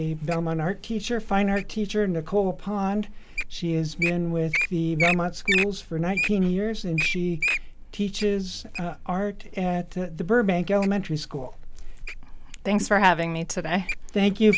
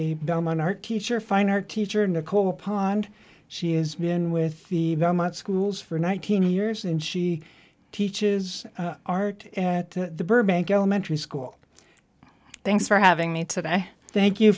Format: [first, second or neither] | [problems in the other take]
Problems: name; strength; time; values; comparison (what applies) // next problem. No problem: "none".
second | background sound (Wild animals); 7 dB below the speech